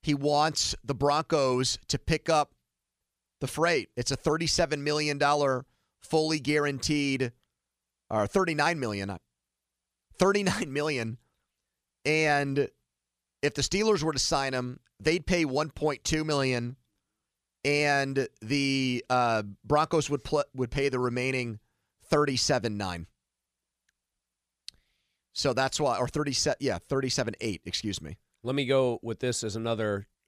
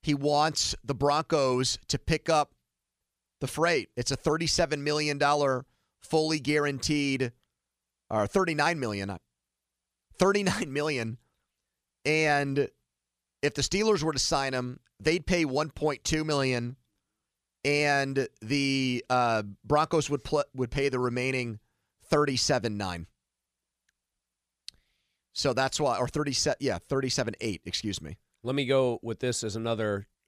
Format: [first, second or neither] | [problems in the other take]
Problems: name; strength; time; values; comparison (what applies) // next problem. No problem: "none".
neither | none